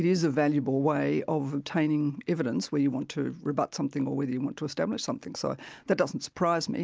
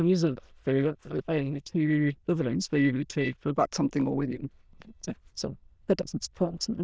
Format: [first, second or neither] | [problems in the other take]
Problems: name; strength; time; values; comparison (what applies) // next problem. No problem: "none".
first | noise reduction (neural diffusion model UNIVERSE++)